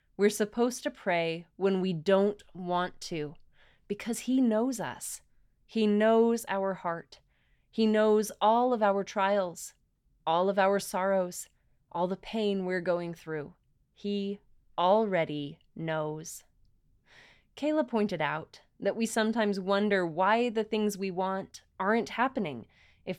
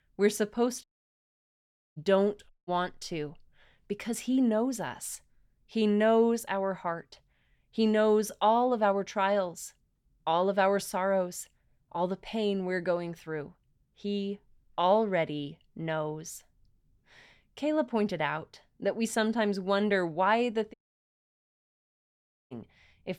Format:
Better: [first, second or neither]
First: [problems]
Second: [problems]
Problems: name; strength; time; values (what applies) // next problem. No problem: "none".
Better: first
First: none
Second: audio cutting out; at 1 s for 1 s, at 2.5 s and at 21 s for 2 s